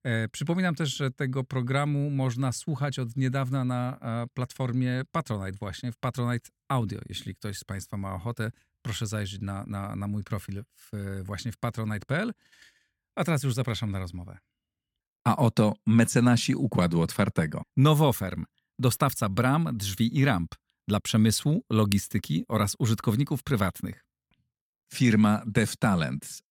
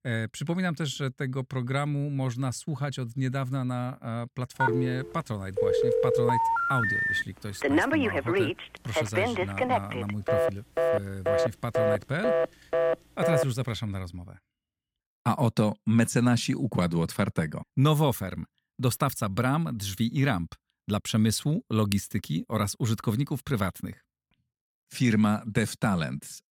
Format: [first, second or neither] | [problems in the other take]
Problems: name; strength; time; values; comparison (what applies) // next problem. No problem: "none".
first | phone ringing; loud; from 4.5 to 13 s; peak 5 dB above the speech